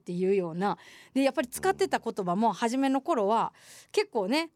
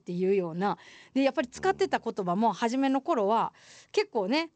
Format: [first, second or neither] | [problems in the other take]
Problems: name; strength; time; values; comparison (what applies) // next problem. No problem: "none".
first | garbled, watery; slightly; nothing above 8 kHz